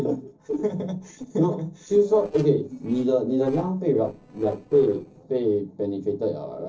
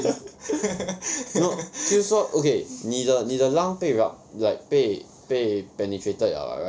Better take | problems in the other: second | noise reduction (neural separator model SepFormer DNS4)

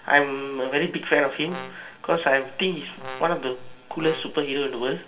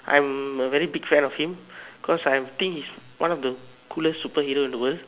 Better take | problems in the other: second | background sound (Brass instrument); 15 dB below the speech // room echo; dies away in 0.5 s

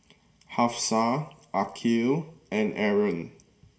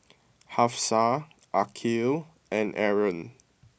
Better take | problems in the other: second | room echo; dies away in 0.7 s

